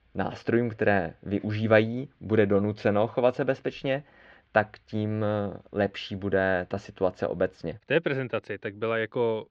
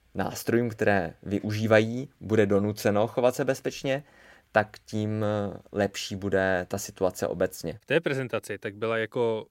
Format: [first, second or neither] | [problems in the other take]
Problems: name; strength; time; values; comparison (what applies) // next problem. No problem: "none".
second | muffled; slightly; fading above 3.5 kHz